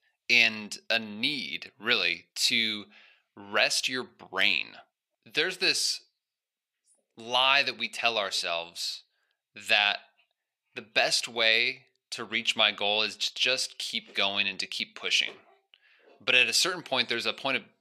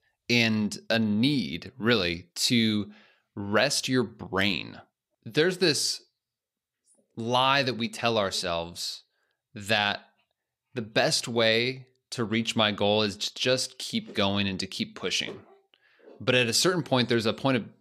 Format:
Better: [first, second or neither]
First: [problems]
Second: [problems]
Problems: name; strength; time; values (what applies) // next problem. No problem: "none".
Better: second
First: thin; somewhat; fading below 800 Hz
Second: none